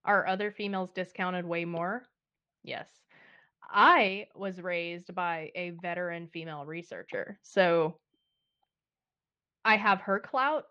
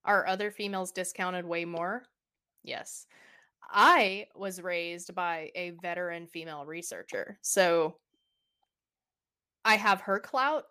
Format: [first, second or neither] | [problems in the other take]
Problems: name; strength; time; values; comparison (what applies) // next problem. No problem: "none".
second | muffled; slightly; fading above 3.5 kHz